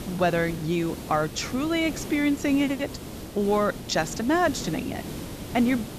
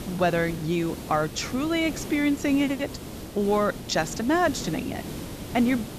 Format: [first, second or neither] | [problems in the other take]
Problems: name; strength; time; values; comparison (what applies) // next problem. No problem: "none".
neither | hiss; noticeable; throughout; 10 dB below the speech; the same in both